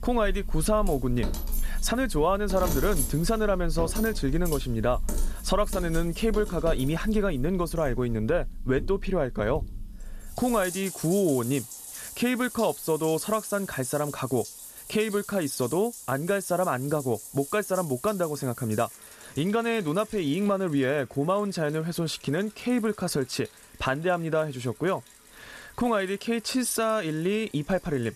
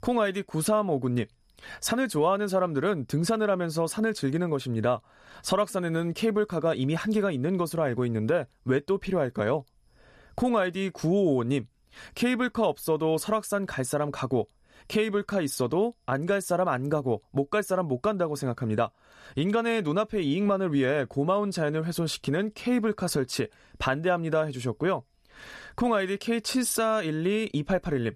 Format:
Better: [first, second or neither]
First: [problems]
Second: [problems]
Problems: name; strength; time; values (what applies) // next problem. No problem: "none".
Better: second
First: household noises; loud; throughout; 10 dB below the speech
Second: none